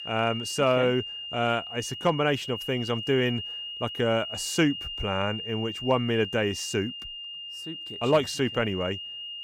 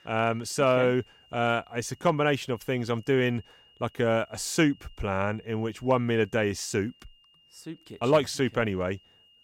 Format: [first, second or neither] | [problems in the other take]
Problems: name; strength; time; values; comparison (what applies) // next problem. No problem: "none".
second | high-pitched whine; loud; throughout; 3 kHz, 7 dB below the speech; faint in the second